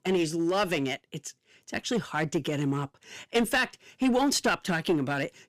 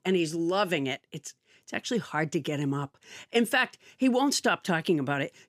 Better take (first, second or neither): second